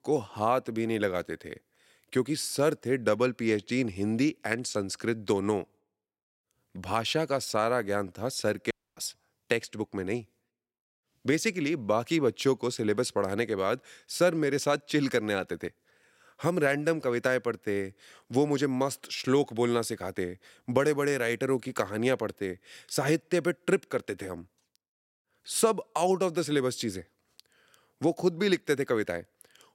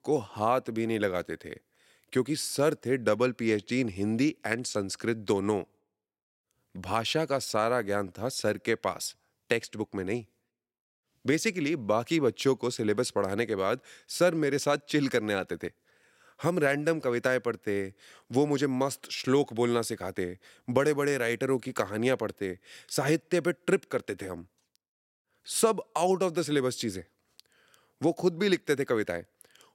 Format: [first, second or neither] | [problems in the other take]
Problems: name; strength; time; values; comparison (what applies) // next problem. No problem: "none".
second | audio cutting out; at 8.5 s